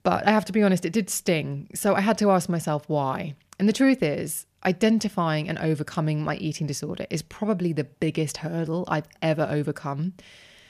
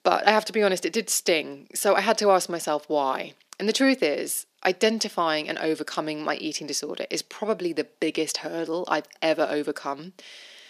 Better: first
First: none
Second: thin; somewhat; fading below 300 Hz

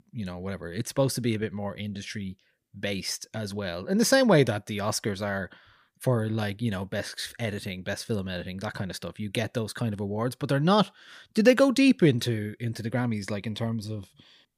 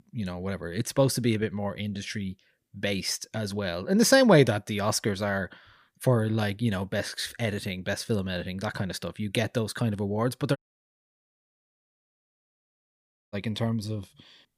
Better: first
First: none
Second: audio cutting out; at 11 s for 3 s

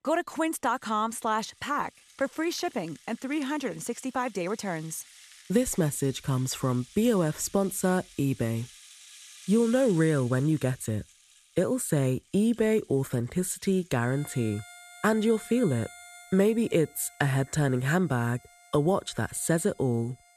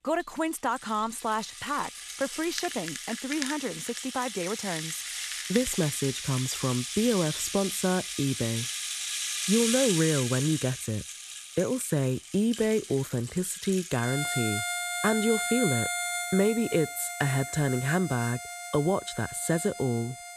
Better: first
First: background music; faint; throughout; 20 dB below the speech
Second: background music; loud; throughout; 4 dB below the speech

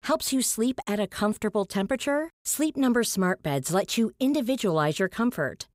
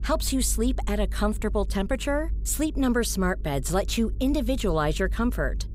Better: first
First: none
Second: low rumble; faint; throughout; 25 dB below the speech

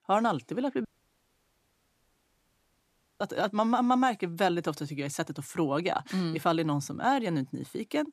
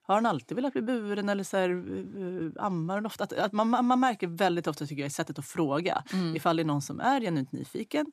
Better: second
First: audio cutting out; at 1 s for 2.5 s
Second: none

